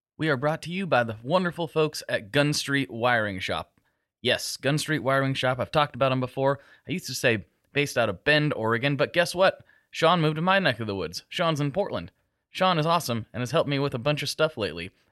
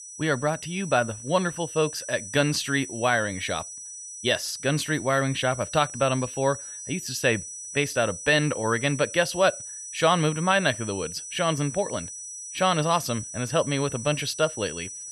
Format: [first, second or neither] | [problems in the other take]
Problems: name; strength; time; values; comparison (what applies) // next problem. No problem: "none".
first | high-pitched whine; noticeable; throughout; 6 kHz, 10 dB below the speech